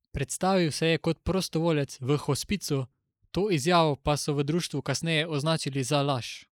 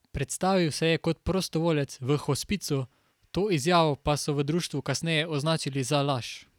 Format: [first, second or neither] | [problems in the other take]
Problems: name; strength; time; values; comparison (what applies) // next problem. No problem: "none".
second | noise reduction (neural mask model Resemble Enhance denoiser)